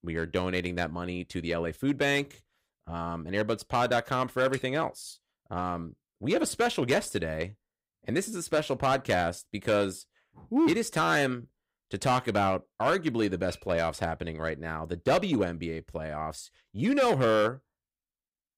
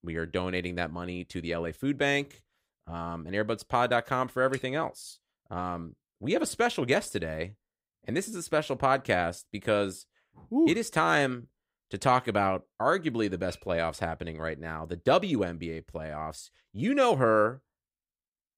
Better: second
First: distortion; slight; 4% of the sound clipped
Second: none

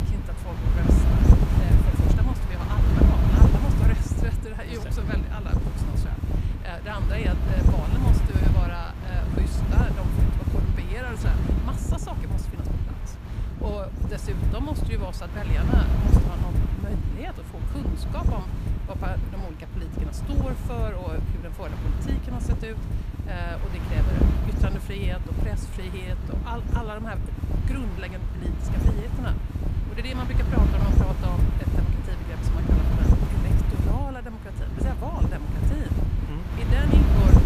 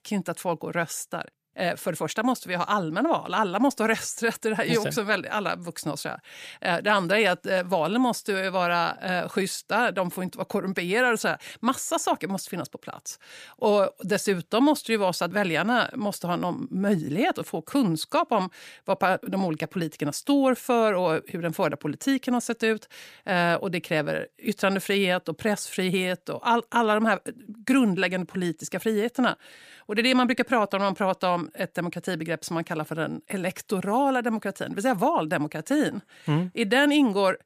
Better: second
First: wind noise on the microphone; heavy; 1 dB above the speech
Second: none

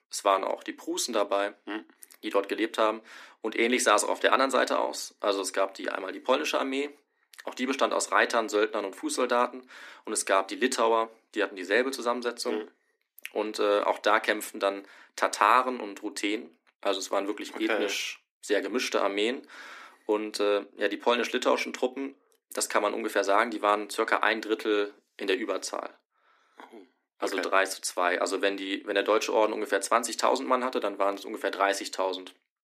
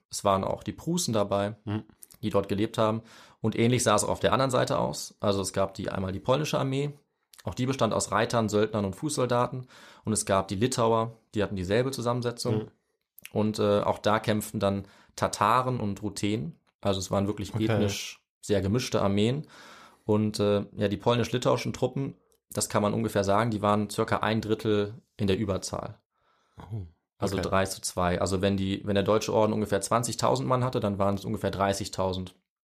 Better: second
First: thin; somewhat; fading below 250 Hz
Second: none

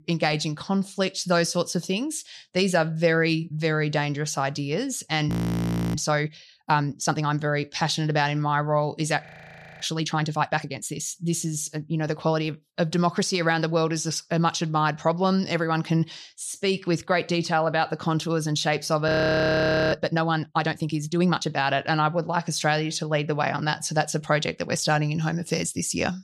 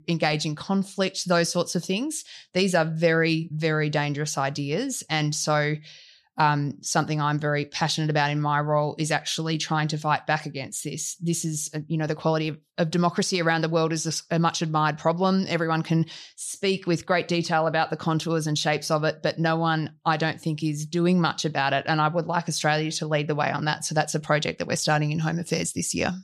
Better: second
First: audio freezing; at 5.5 s for 0.5 s, at 9.5 s for 0.5 s and at 19 s for 1 s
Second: none

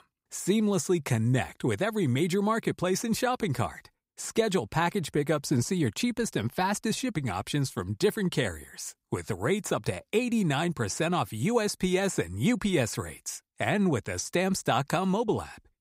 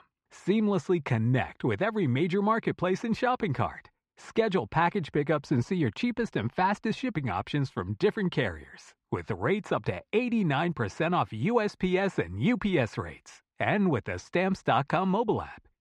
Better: first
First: none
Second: muffled; slightly; fading above 2.5 kHz

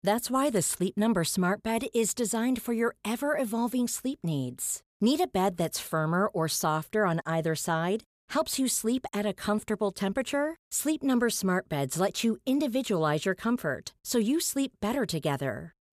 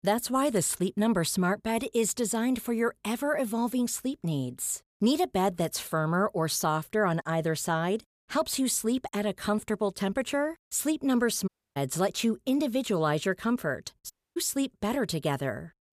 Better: first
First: none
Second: audio cutting out; at 11 s and at 14 s

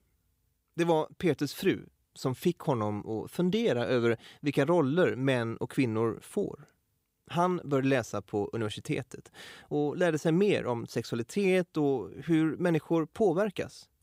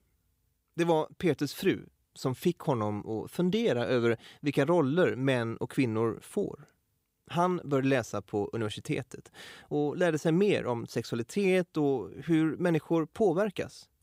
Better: neither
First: none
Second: none

